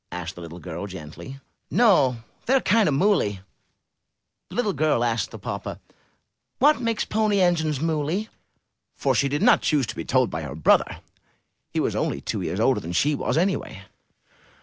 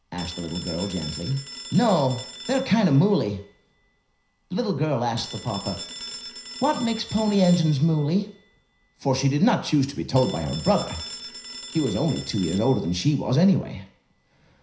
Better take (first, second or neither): first